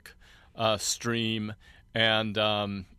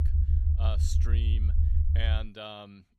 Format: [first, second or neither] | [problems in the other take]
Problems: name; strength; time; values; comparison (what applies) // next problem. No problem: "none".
first | low rumble; loud; until 2 s; 5 dB below the speech